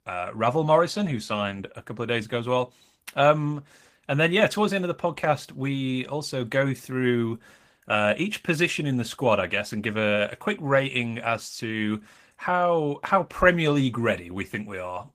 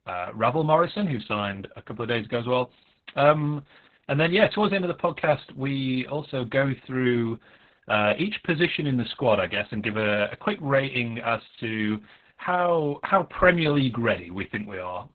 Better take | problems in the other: first | garbled, watery; badly; nothing above 4 kHz; slightly in the first

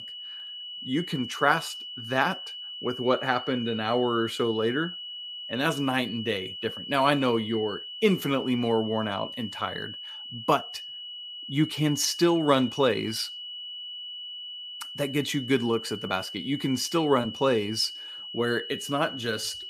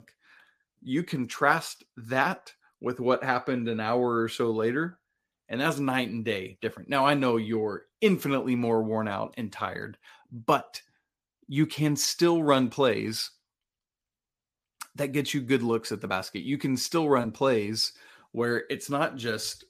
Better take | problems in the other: second | high-pitched whine; loud; throughout; 3 kHz, 9 dB below the speech

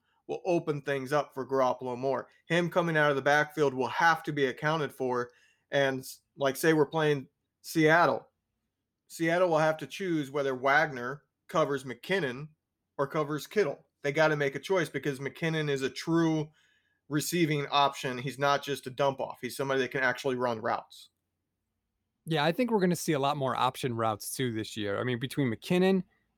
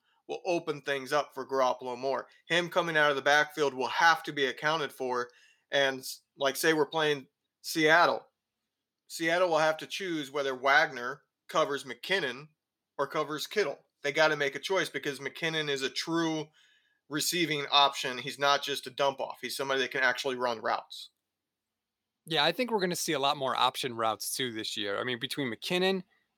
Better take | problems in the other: first | thin; very slightly; fading below 1 kHz

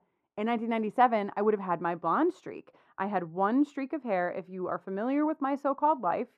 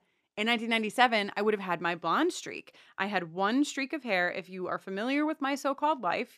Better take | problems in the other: second | muffled; very; fading above 2 kHz

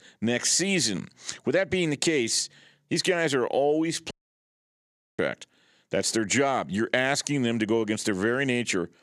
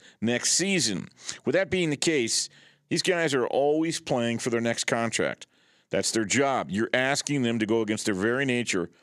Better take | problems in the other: second | audio cutting out; at 4 s for 1 s

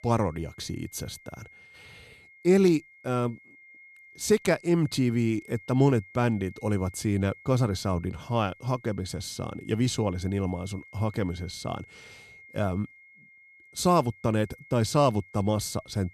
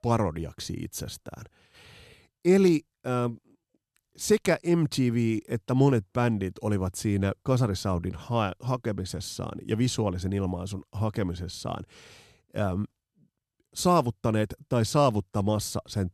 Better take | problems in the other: second | high-pitched whine; faint; throughout; 2 kHz, 25 dB below the speech

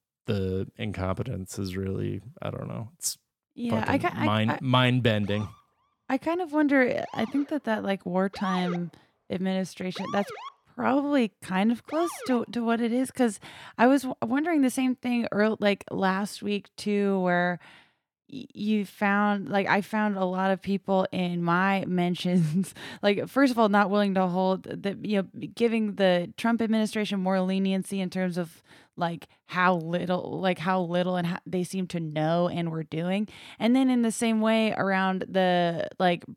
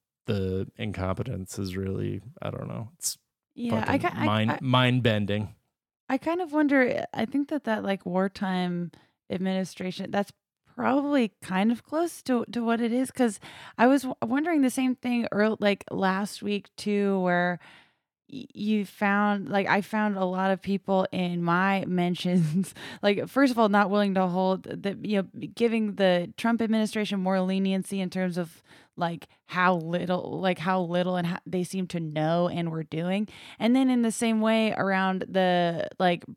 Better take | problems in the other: second | siren; noticeable; from 5 to 12 s; peak 8 dB below the speech

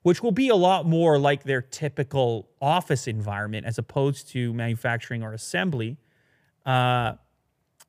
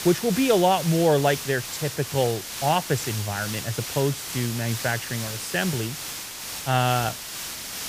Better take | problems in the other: first | hiss; loud; throughout; 7 dB below the speech

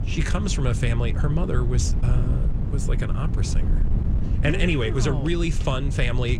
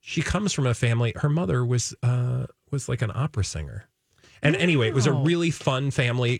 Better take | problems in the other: second | wind noise on the microphone; heavy; 10 dB below the speech

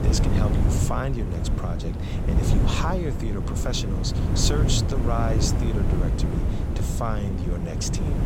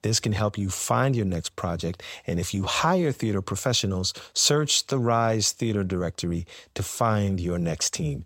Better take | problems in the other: second | wind noise on the microphone; heavy; 3 dB below the speech

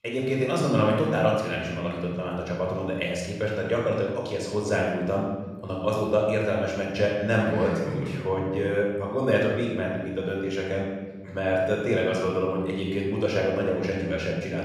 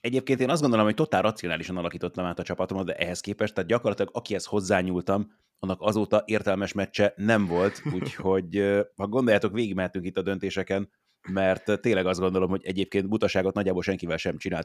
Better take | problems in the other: second | off-mic speech; far // room echo; noticeable; dies away in 1.2 s

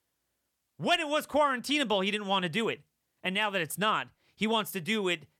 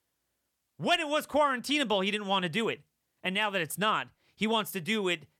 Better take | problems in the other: neither | none

